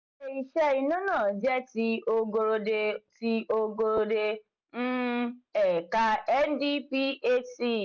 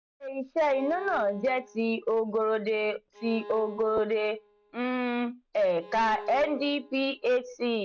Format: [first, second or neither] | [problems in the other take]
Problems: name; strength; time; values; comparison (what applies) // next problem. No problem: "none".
first | background sound (Bowed string instrument); 18 dB below the speech